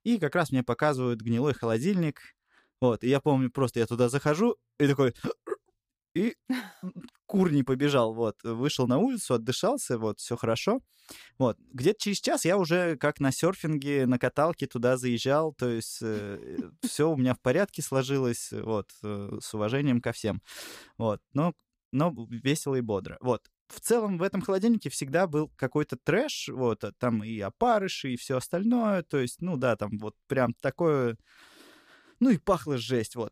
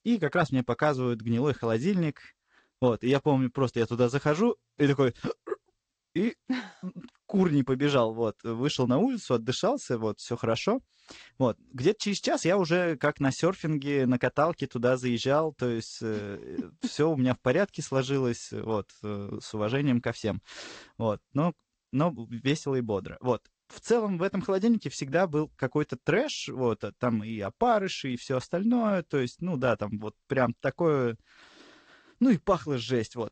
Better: first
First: none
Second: garbled, watery; slightly; nothing above 8 kHz

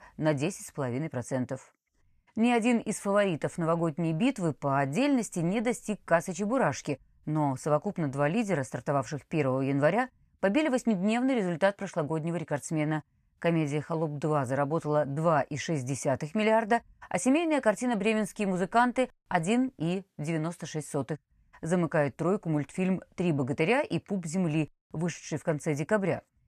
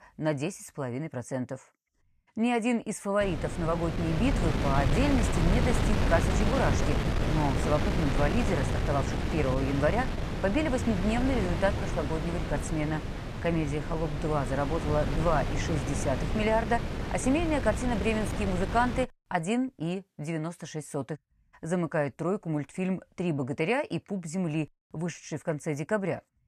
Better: first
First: none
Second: wind noise on the microphone; heavy; from 3 to 19 s; 4 dB below the speech

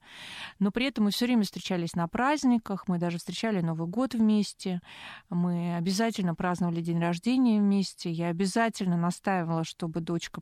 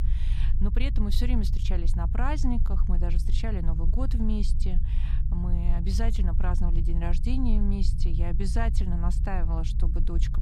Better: first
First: none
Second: low rumble; loud; throughout; 9 dB below the speech

